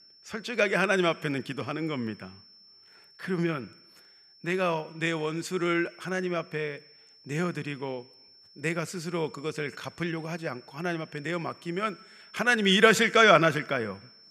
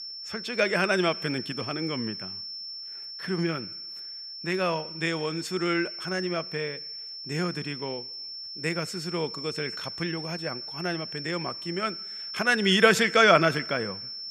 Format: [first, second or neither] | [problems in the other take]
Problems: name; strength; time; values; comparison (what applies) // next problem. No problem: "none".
first | high-pitched whine; loud; throughout; 5.5 kHz, 8 dB below the speech; faint in the first